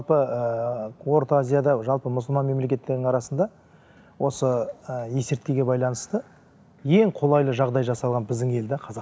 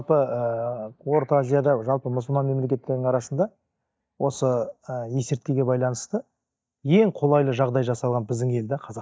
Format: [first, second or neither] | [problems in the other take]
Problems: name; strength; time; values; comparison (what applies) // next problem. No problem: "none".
first | noise reduction (neural mask model DeepFilterNet 3)